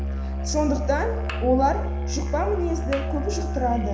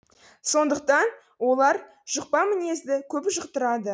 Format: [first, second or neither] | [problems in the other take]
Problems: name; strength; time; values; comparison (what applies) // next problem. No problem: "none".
second | background sound (Musical instrument); 1 dB below the speech // room echo; dies away in 0.9 s